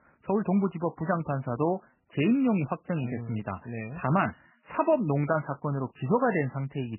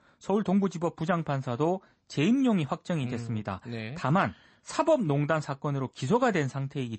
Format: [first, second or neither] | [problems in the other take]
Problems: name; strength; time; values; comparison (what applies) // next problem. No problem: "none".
second | garbled, watery; badly; nothing above 3 kHz; slightly in the second